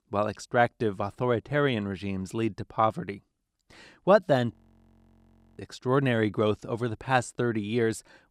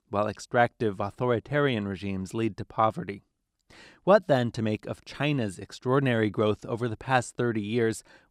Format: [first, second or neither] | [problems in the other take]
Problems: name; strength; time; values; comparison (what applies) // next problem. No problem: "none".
second | audio freezing; at 4.5 s for 1 s